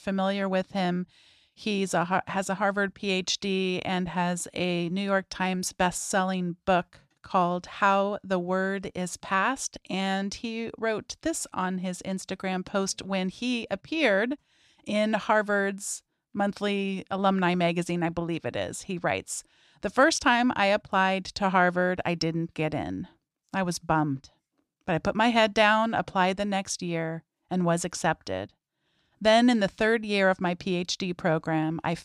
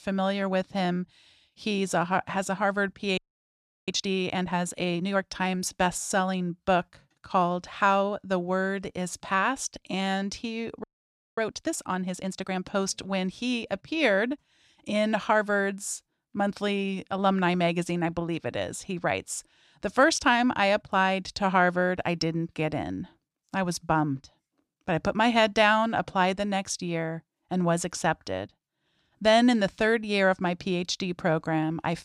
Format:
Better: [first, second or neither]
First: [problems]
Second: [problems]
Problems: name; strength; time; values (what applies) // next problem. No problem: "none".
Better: first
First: none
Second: audio freezing; at 3 s for 0.5 s and at 11 s for 0.5 s